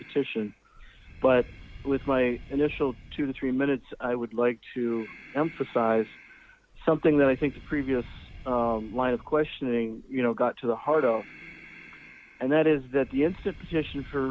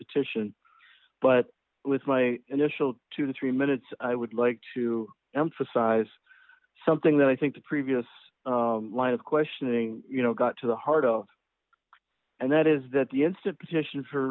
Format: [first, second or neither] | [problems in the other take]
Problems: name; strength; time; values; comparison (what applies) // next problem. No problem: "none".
second | background sound (Breathing); 19 dB below the speech